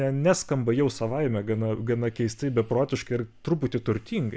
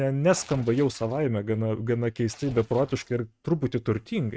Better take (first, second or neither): first